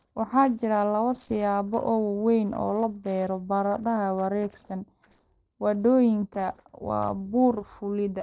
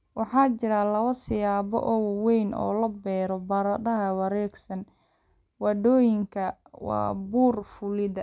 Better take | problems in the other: second | noise reduction (neural separator model SepFormer DNS4)

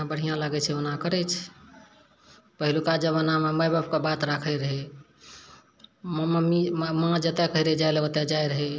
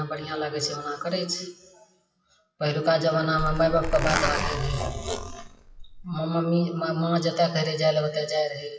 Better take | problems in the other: first | noise reduction (classical method WPE with log-MMSE)

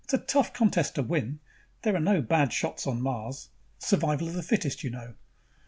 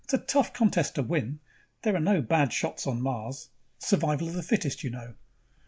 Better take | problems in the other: first | noise reduction (neural mask model Resemble Enhance denoiser)

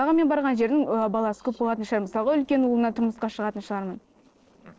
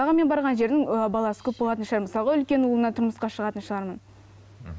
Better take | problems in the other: second | noise reduction (neural separator model SepFormer DNS4)

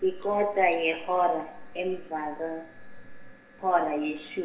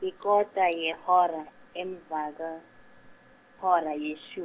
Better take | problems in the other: second | room echo; dies away in 0.9 s

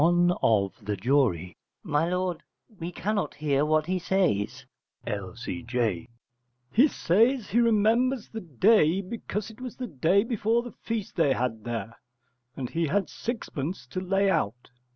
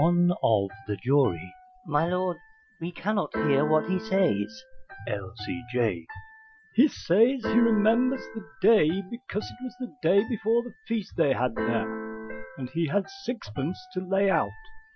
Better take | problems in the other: first | noise reduction (classical method Wiener filter)

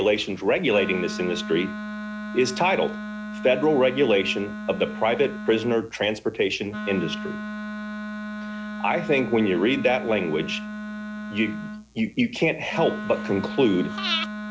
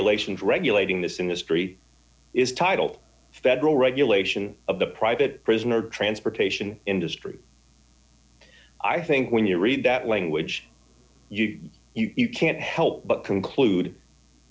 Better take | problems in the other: second | background sound (Breathing + Wind instrument, woodwind instrument); 8 dB below the speech

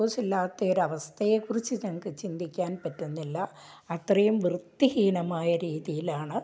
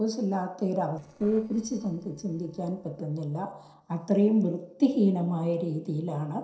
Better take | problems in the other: first | noise reduction (neural separator model SepFormer DNS4)

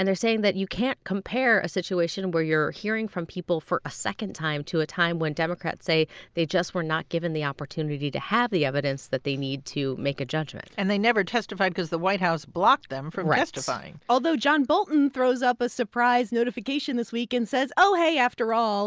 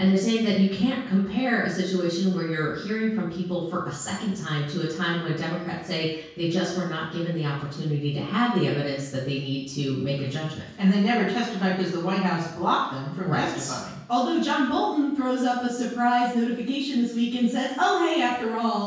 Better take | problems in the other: first | room echo; dies away in 0.6 s

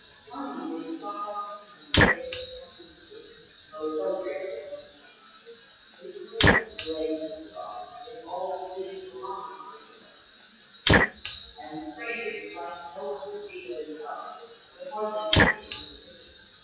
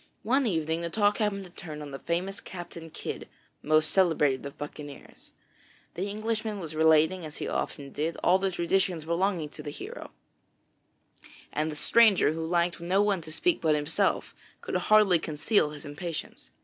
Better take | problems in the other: second | noise reduction (classical method WPE with log-MMSE)

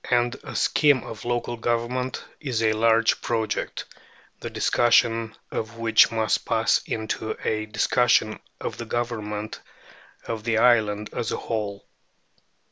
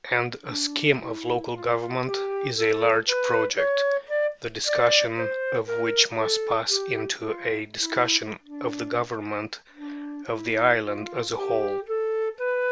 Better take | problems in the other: first | background sound (Wind instrument, woodwind instrument); 2 dB below the speech

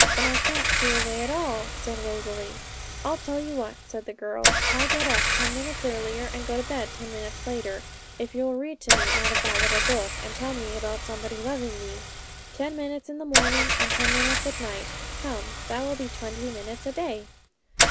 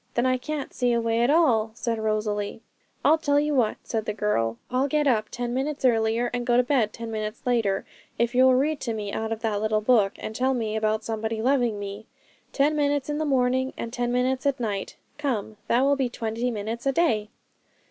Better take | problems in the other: second | background sound (Engine / Car); 4 dB above the speech

